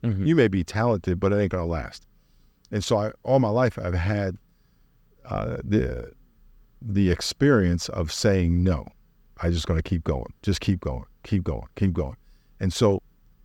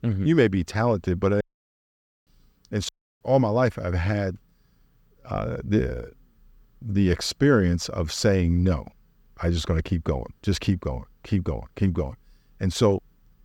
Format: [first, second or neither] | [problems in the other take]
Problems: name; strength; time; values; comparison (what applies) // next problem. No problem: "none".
first | audio cutting out; at 1.5 s for 1 s and at 3 s